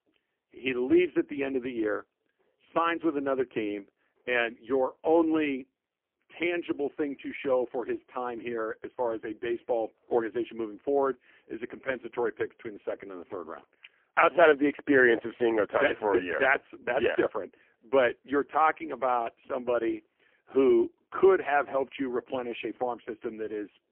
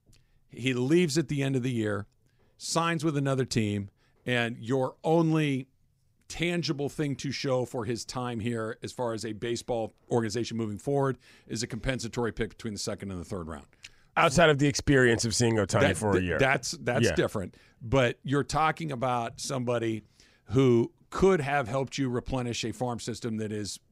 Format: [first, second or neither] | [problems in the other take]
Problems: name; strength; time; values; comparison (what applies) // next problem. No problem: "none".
second | phone-call audio; poor line; nothing above 3 kHz